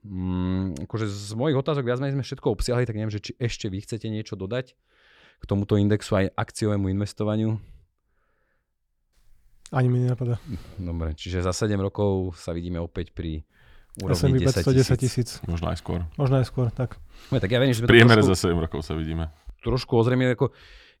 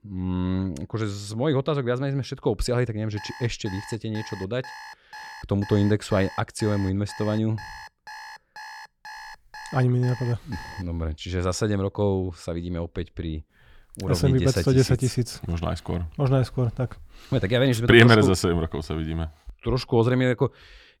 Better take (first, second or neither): first